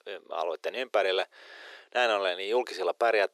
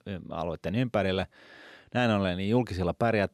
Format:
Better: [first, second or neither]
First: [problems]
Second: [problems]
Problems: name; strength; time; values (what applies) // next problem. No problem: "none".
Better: second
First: thin; very; fading below 400 Hz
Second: none